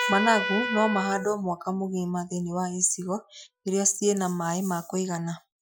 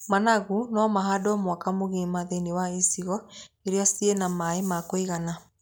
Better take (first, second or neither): second